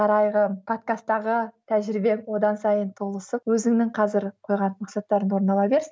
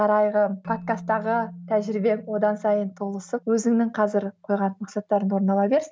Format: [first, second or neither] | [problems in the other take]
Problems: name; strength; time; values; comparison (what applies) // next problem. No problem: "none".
first | background sound (Keyboard (musical)); 19 dB below the speech